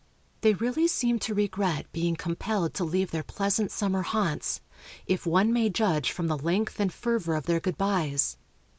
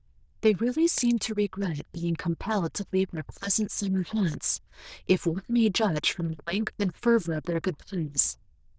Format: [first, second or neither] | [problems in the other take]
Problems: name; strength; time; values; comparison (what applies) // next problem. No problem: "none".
first | noise reduction (neural diffusion model UNIVERSE++)